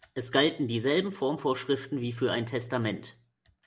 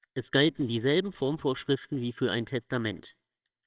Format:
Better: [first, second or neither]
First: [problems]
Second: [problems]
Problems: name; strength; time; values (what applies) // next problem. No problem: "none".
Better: first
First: none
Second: noise reduction (neural separator model SepFormer WHAMR!)